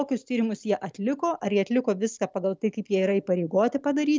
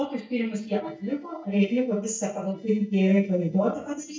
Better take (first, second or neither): first